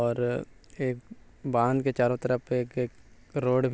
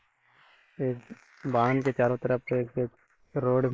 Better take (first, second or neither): first